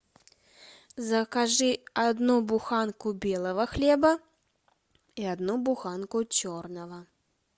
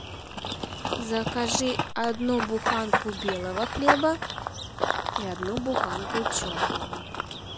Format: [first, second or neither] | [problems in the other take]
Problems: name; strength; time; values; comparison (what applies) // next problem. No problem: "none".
first | background sound (Run / Bird vocalization, bird call, bird song); as loud as the speech